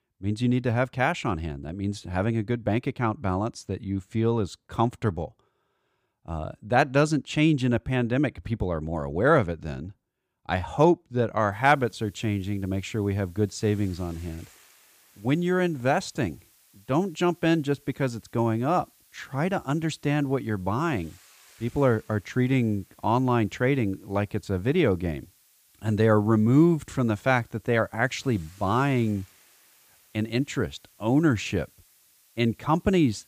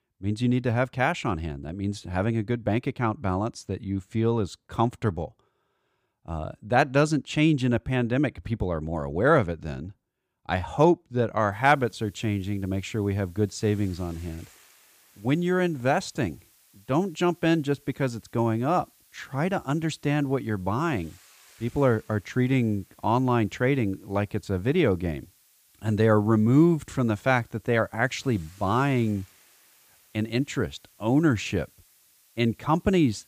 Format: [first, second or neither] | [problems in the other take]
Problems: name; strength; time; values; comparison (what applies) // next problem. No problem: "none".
neither | hiss; faint; from 12 s on; 30 dB below the speech; the same in both